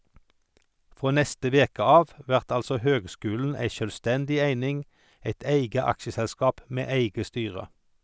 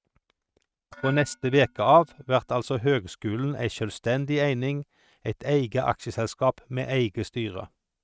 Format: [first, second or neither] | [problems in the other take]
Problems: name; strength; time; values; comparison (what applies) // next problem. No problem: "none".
first | noise reduction (neural mask model RNNoise)